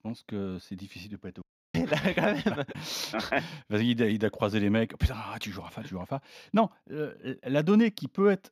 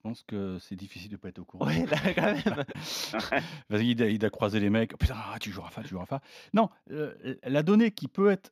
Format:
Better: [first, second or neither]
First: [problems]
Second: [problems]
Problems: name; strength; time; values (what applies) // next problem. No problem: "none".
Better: second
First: audio cutting out; at 1.5 s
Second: none